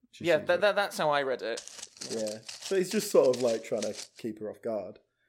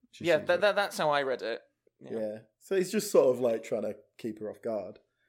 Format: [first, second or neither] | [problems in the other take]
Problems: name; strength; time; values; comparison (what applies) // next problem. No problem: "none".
second | footsteps; faint; from 1.5 to 4 s; peak 10 dB below the speech